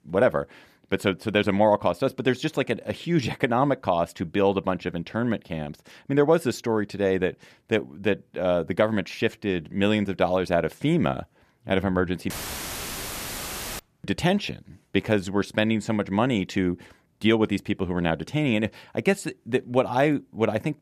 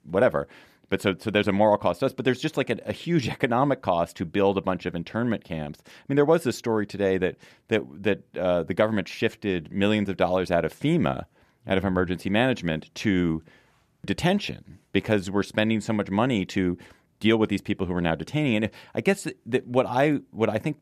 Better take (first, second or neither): second